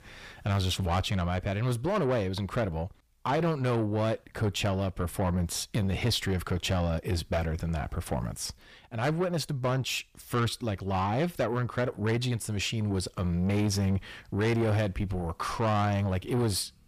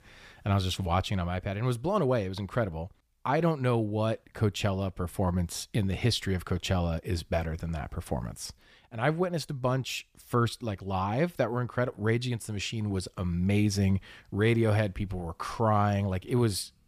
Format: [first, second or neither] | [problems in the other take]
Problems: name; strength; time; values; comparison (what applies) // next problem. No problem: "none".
second | distortion; slight; 10 dB below the speech